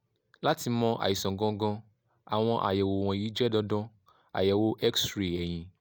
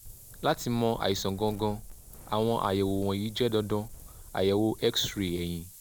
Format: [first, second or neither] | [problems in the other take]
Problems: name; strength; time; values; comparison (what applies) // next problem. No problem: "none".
first | background sound (Wind); 17 dB below the speech